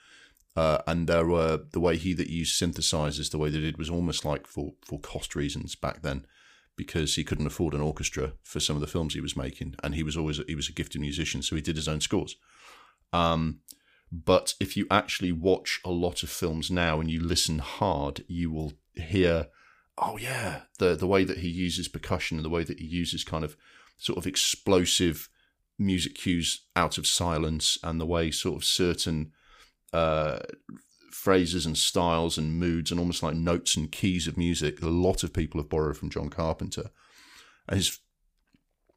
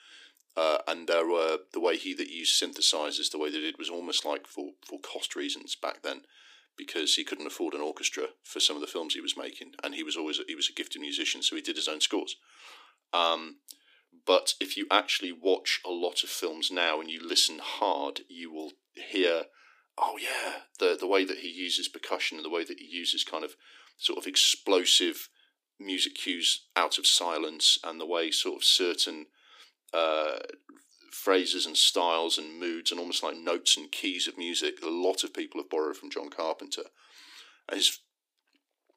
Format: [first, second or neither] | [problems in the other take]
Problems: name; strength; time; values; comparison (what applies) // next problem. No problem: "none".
first | thin; somewhat; fading below 300 Hz